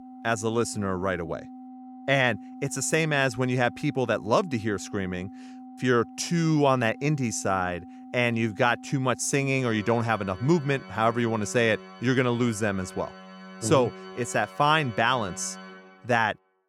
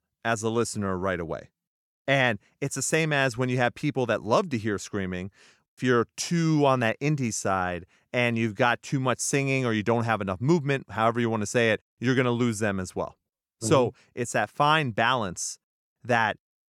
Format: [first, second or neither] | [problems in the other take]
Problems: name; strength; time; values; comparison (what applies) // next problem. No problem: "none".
second | background music; noticeable; throughout; 20 dB below the speech